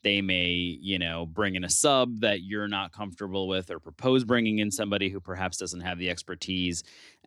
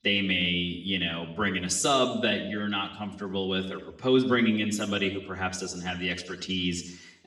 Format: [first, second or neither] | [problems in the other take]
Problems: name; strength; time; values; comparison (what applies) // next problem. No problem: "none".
first | room echo; slight; dies away in 0.8 s // off-mic speech; somewhat distant